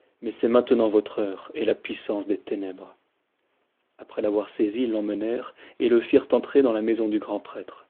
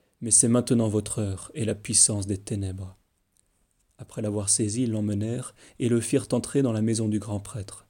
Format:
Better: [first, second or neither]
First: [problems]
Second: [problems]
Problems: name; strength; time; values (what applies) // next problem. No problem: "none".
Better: second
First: phone-call audio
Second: none